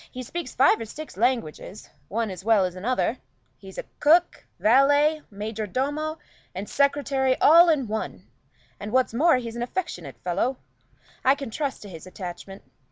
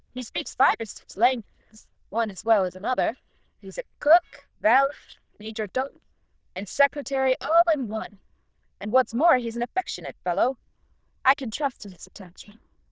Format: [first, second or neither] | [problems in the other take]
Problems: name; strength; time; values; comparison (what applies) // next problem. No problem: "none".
first | noise reduction (neural diffusion model UNIVERSE++)